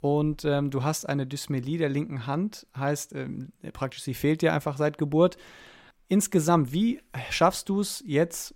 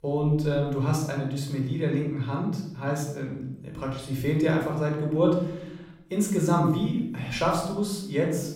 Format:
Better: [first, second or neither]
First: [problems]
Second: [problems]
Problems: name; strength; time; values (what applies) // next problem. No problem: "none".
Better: first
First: none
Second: off-mic speech; somewhat distant // room echo; noticeable; dies away in 0.9 s